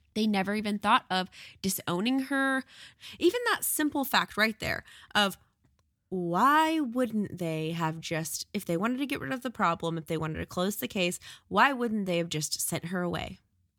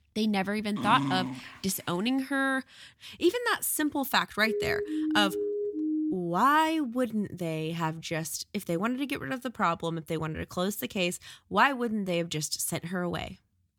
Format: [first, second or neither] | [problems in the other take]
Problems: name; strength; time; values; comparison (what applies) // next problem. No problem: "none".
first | dog barking; noticeable; at 1 s; peak 2 dB below the speech // siren; noticeable; from 4.5 to 6 s; peak 1 dB below the speech